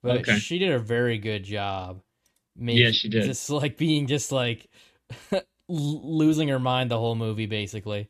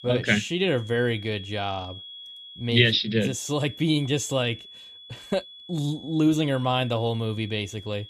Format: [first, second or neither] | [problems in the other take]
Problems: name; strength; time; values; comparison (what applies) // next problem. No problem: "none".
first | high-pitched whine; noticeable; throughout; 3.5 kHz, 15 dB below the speech